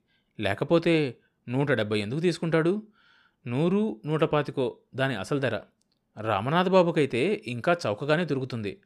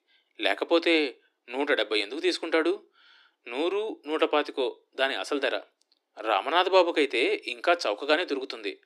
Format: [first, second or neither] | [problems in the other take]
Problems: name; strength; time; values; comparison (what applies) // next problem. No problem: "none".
first | thin; somewhat; fading below 300 Hz